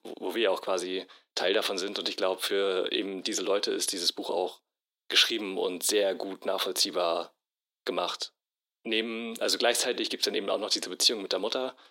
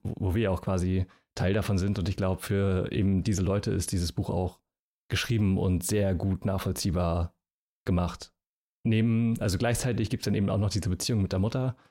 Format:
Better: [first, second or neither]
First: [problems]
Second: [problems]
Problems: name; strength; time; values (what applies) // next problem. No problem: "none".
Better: second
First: thin; very; fading below 300 Hz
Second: none